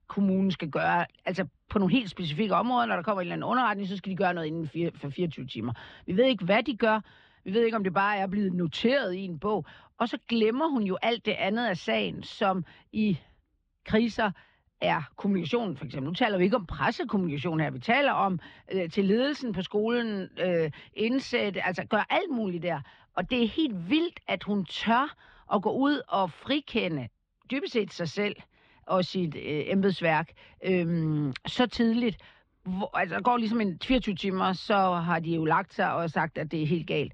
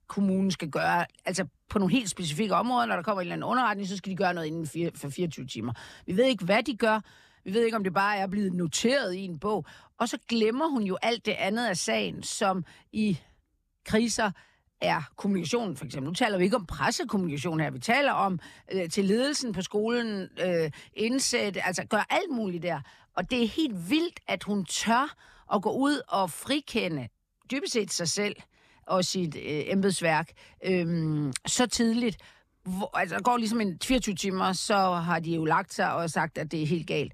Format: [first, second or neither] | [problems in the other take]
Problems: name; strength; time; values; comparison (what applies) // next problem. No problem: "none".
second | muffled; slightly; fading above 3.5 kHz